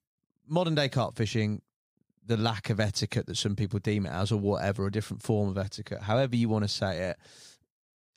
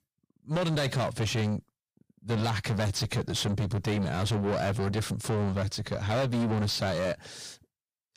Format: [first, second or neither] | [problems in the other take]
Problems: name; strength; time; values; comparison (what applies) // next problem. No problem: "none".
first | distortion; heavy; 5 dB below the speech